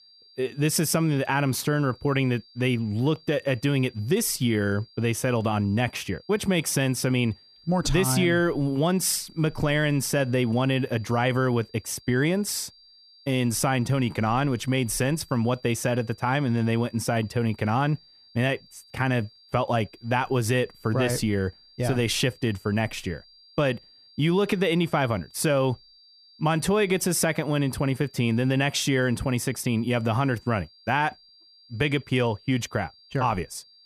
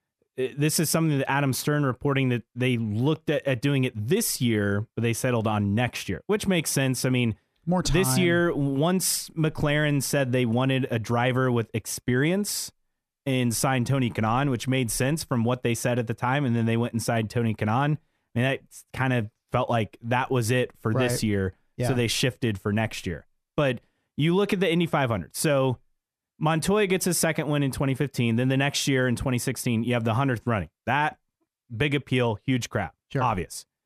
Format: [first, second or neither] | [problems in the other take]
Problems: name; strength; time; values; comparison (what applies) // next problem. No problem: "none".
second | high-pitched whine; faint; throughout; 4.5 kHz, 25 dB below the speech